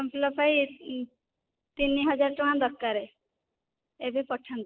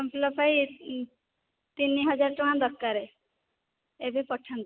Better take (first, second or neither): second